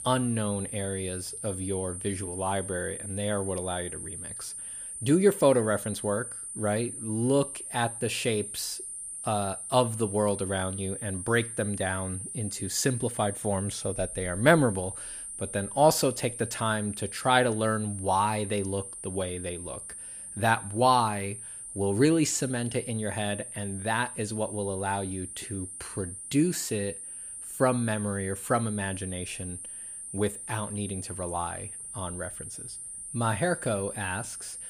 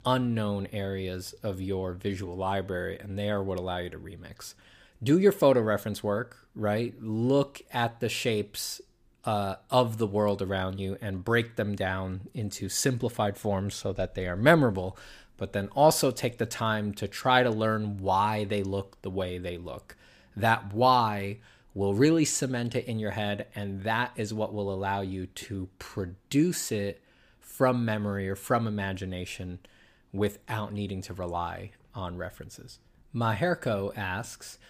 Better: second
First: high-pitched whine; loud; throughout; 9 kHz, 8 dB below the speech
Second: none

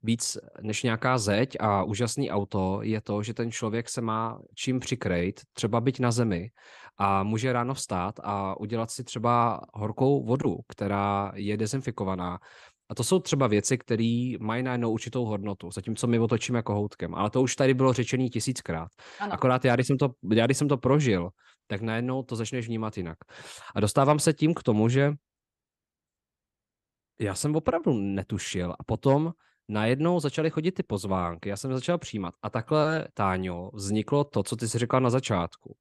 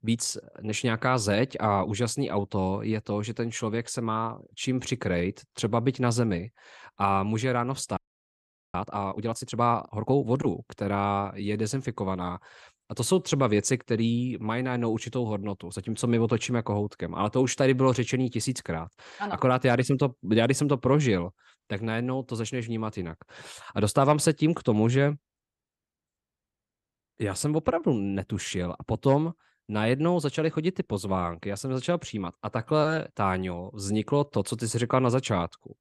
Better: first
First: none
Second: audio freezing; at 8 s for 1 s

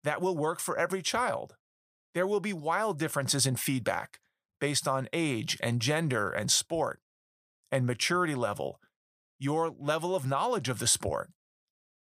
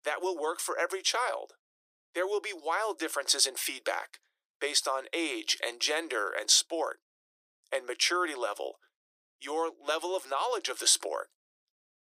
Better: first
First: none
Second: thin; very; fading below 300 Hz

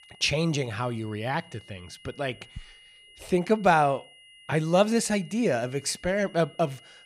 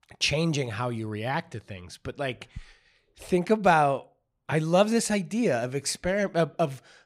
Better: second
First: high-pitched whine; faint; throughout; 3 kHz, 25 dB below the speech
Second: none

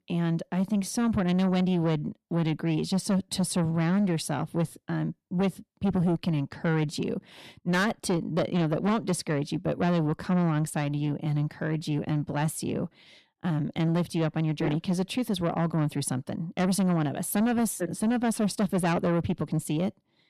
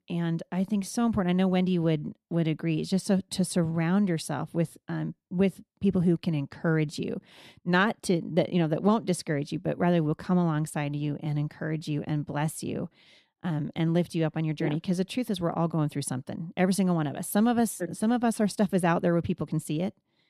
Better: second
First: distortion; slight; 10 dB below the speech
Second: none

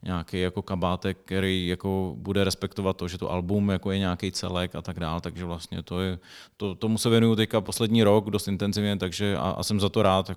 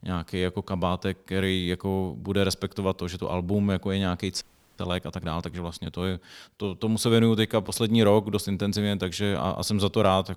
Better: first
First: none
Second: audio freezing; at 4.5 s

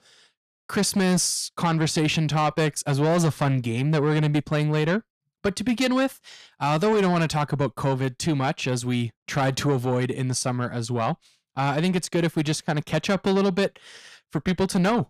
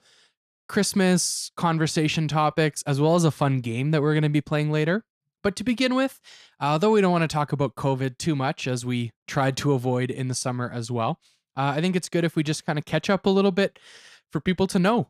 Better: second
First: distortion; slight; 10 dB below the speech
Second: none

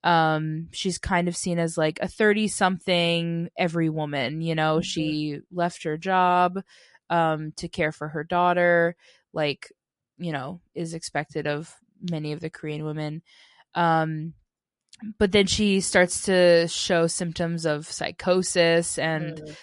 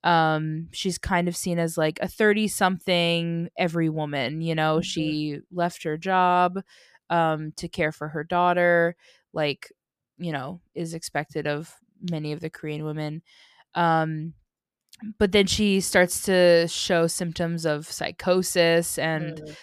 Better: second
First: garbled, watery; slightly; nothing above 11 kHz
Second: none

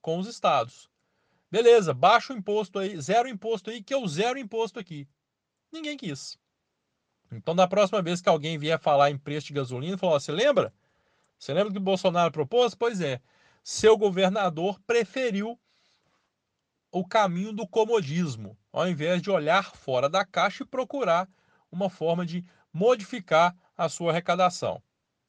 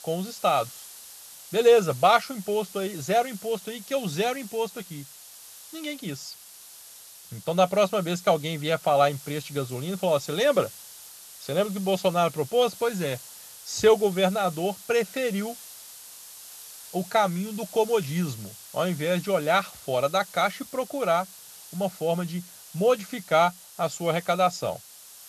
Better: first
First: none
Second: hiss; noticeable; throughout; 15 dB below the speech

